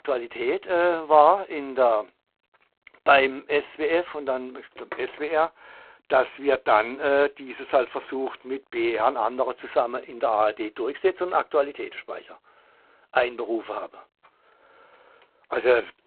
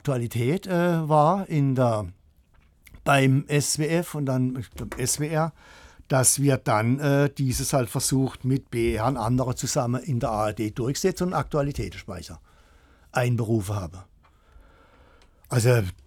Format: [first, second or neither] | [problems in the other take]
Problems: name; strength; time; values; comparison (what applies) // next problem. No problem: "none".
second | phone-call audio; poor line; nothing above 4 kHz